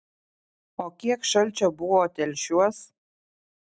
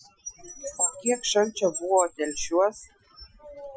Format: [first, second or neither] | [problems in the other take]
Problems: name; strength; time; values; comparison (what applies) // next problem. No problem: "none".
first | noise reduction (classical method Wiener filter)